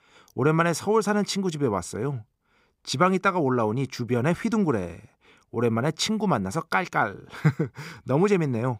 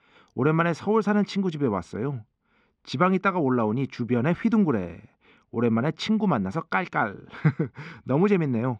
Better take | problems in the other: first | muffled; slightly; fading above 3 kHz

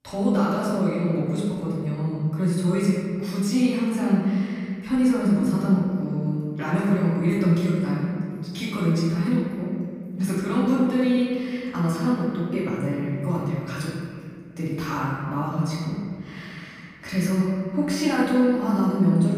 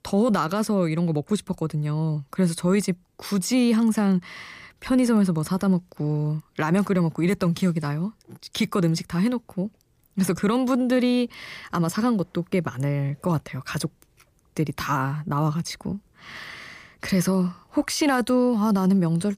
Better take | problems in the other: second | off-mic speech; far // room echo; strong; dies away in 2.1 s

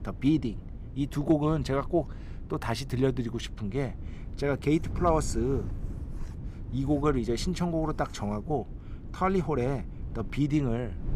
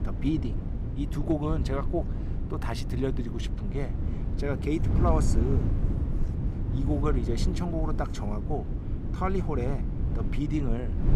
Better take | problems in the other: first | wind noise on the microphone; heavy; 7 dB below the speech; occasional gusts in the first

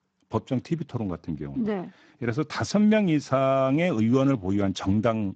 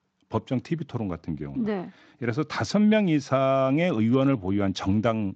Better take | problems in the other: second | garbled, watery; badly; slightly in the second

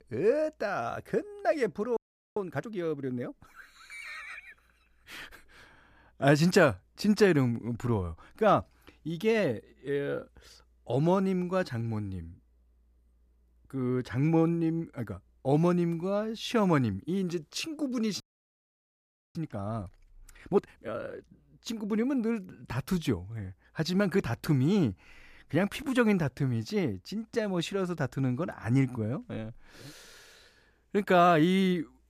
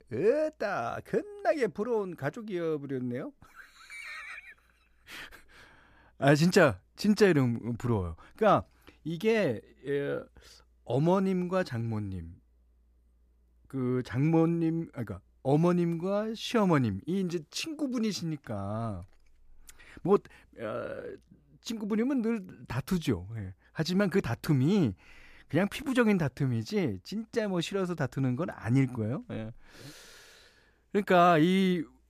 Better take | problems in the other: second | audio freezing; at 2 s and at 18 s for 1 s

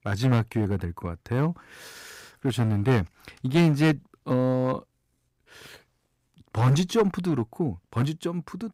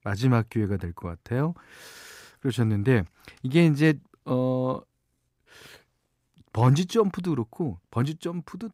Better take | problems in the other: second | distortion; slight; 4% of the sound clipped

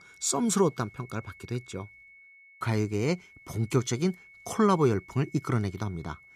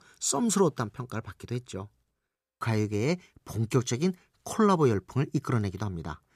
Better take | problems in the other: second | high-pitched whine; faint; throughout; 2 kHz, 25 dB below the speech

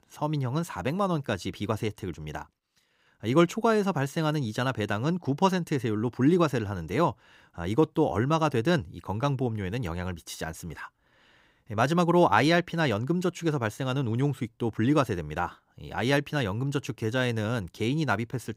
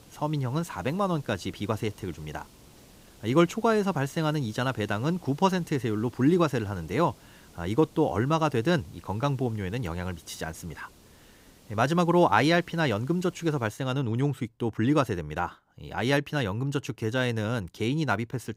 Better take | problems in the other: first | hiss; faint; until 14 s; 25 dB below the speech

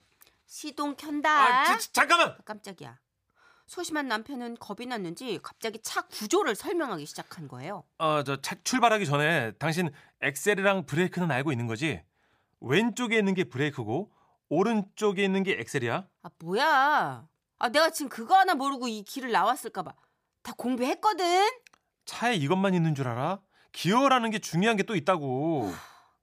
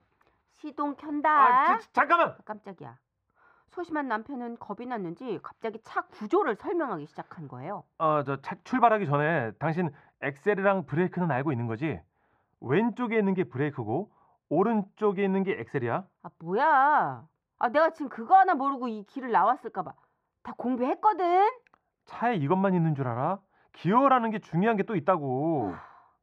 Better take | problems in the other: first | muffled; very; fading above 4 kHz

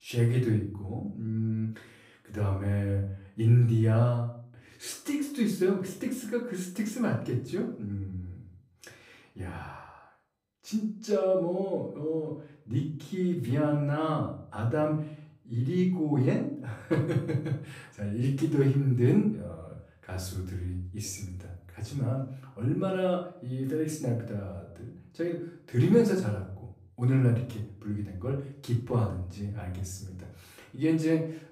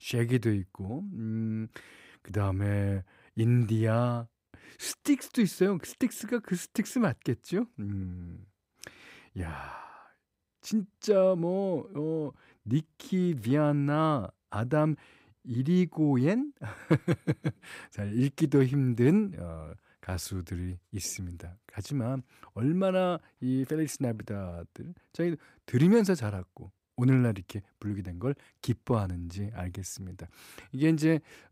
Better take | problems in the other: second | off-mic speech; far // room echo; slight; dies away in 0.4 s

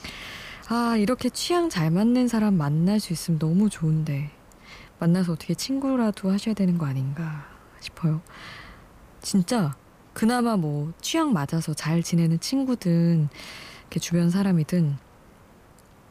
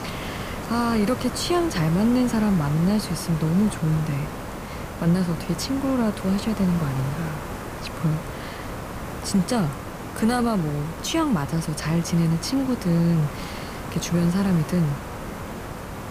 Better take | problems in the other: first | hiss; loud; throughout; 9 dB below the speech; faint in the first

